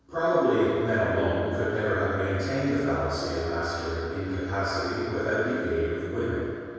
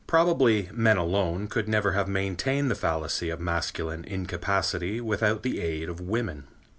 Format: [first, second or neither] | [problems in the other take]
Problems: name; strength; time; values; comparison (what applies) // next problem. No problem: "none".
second | room echo; dies away in 2.2 s